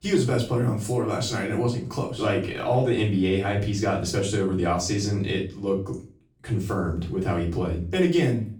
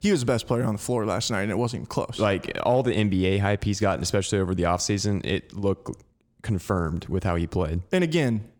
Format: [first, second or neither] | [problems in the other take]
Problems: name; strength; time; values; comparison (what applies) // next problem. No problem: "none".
second | room echo; slight; dies away in 0.3 s // off-mic speech; far